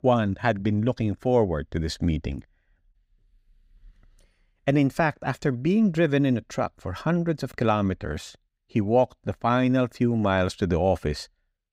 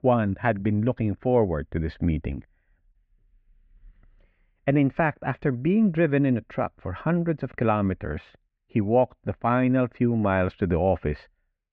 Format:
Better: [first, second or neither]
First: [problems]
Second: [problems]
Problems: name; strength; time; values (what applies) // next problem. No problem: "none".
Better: first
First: none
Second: muffled; very; fading above 2.5 kHz